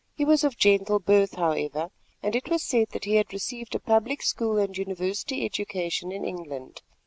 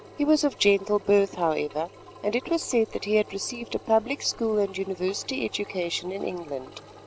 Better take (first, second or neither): first